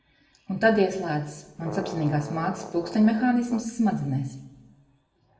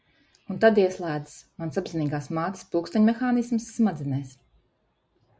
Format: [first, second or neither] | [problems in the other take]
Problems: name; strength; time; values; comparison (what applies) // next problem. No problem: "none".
second | background sound (Brass instrument); 13 dB below the speech // room echo; dies away in 0.8 s